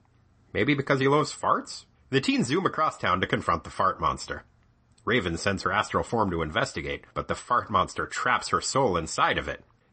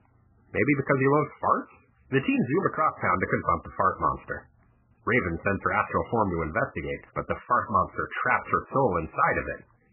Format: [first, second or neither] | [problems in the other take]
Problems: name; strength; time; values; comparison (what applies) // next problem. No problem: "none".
first | garbled, watery; badly; nothing above 2.5 kHz; slightly in the first